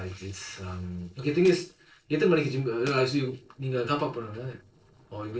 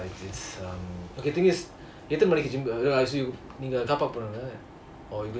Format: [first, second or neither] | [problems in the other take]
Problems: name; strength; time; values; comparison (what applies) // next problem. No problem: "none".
second | noise reduction (neural separator model SepFormer DNS4)